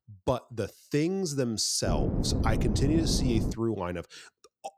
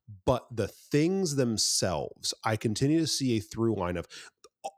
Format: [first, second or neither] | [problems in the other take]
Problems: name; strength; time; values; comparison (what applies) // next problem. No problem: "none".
second | wind noise on the microphone; heavy; from 2 to 3.5 s; 6 dB below the speech